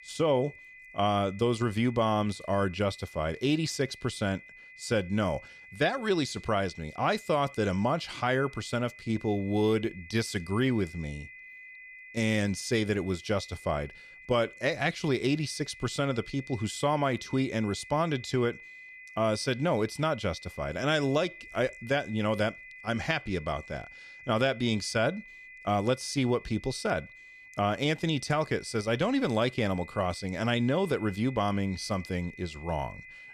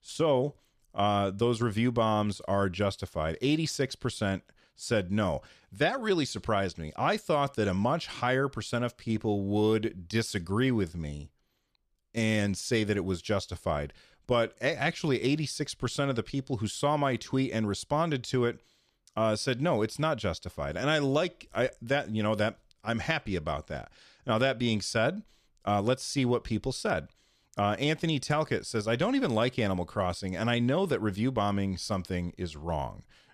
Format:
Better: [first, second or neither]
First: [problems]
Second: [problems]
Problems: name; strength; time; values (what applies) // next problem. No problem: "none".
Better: second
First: high-pitched whine; noticeable; throughout; 2 kHz, 15 dB below the speech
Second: none